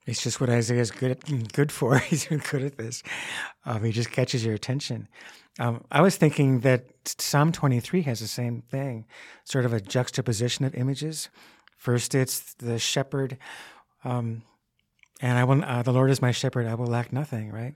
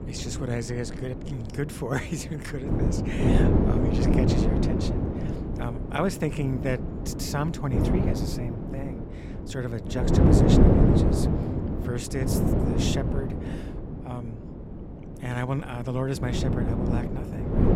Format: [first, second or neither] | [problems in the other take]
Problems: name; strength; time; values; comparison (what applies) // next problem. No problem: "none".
first | wind noise on the microphone; heavy; 3 dB above the speech